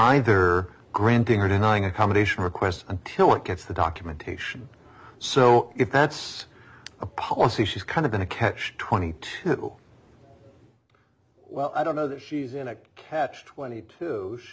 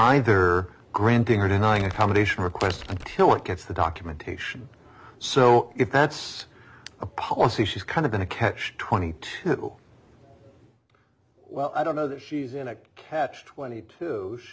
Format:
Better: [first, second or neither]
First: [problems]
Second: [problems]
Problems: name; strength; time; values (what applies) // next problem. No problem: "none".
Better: first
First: none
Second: background sound (Crumpling, crinkling); 15 dB below the speech